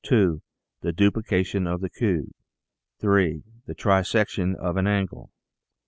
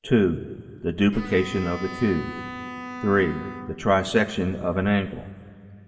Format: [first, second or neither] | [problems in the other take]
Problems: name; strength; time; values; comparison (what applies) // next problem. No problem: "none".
first | background sound (Bowed string instrument); 13 dB below the speech // room echo; dies away in 1.8 s